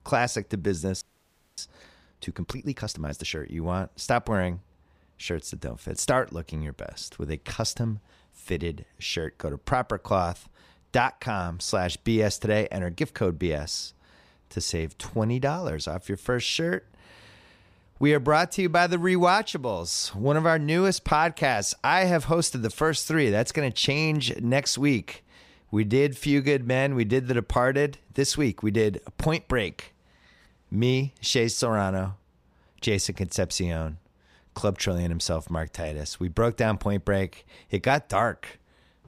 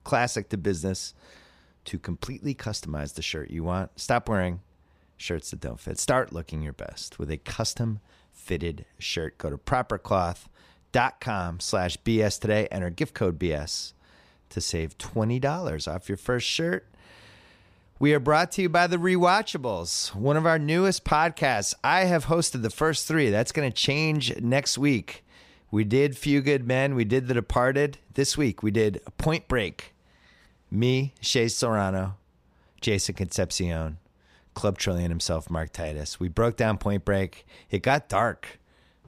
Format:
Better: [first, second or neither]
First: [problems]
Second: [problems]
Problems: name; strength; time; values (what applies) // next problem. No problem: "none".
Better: second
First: audio freezing; at 1 s for 0.5 s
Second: none